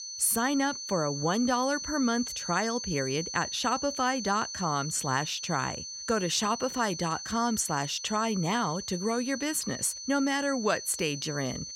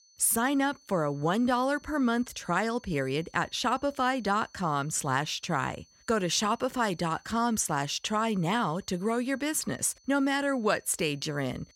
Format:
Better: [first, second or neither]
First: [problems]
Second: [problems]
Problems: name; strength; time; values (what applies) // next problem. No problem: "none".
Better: second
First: high-pitched whine; loud; throughout; 6 kHz, 7 dB below the speech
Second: high-pitched whine; faint; throughout; 6 kHz, 30 dB below the speech